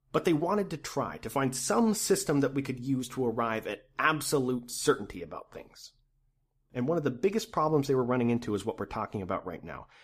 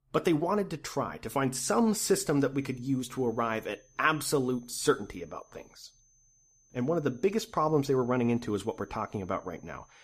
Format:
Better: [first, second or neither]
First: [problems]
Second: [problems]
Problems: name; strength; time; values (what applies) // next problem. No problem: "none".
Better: first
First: none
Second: high-pitched whine; faint; from 2.5 s on; 6 kHz, 35 dB below the speech